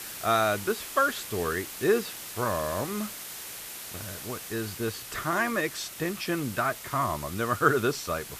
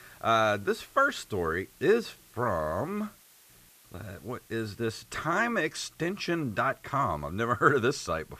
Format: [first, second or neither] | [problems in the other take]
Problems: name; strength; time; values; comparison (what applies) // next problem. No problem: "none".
second | hiss; loud; throughout; 9 dB below the speech; faint in the second